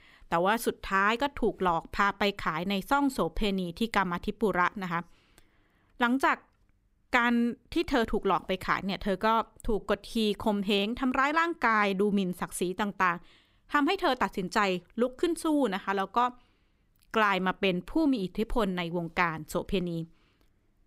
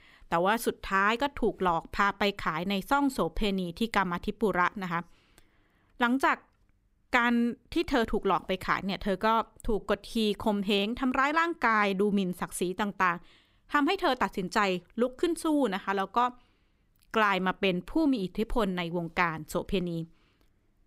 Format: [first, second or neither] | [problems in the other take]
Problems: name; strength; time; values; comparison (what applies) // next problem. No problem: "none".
neither | none